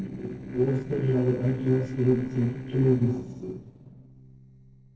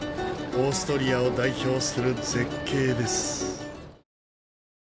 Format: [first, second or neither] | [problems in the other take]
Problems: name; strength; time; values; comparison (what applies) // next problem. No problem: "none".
second | noise reduction (neural separator model SepFormer DNS4)